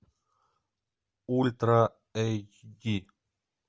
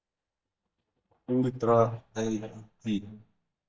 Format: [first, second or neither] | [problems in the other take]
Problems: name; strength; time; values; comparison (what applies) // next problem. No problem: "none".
first | noise reduction (neural mask model DeepFilterNet 3)